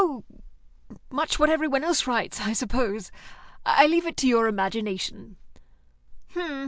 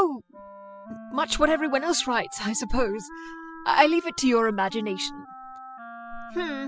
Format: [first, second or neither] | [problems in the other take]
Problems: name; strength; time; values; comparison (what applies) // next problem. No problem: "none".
first | noise reduction (classical method spectral subtraction)